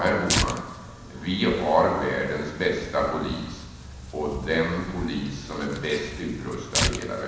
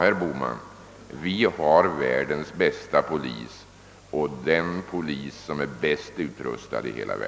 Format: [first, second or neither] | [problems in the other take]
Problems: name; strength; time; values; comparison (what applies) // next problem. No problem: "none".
second | background sound (Tearing); 6 dB below the speech // room echo; dies away in 1.1 s